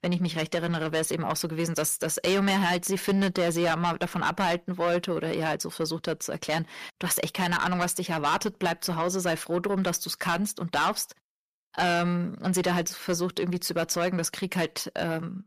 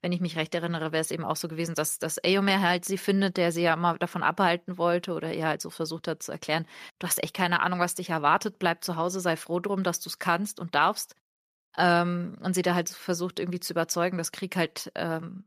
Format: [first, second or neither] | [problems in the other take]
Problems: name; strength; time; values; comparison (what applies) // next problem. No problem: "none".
second | distortion; heavy; 7 dB below the speech